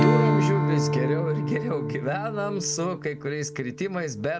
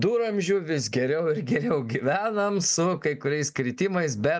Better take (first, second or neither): second